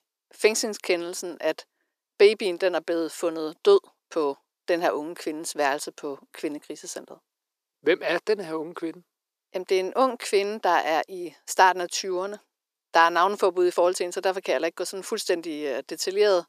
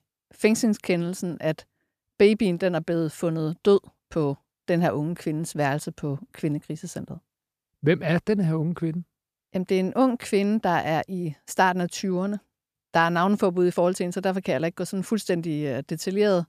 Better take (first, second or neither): second